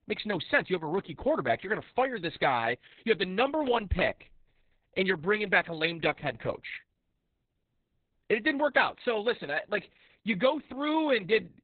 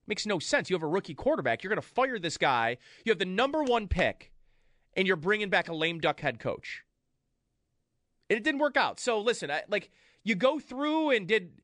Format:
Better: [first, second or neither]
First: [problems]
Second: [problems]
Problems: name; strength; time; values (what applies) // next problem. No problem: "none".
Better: second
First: garbled, watery; badly; nothing above 4 kHz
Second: none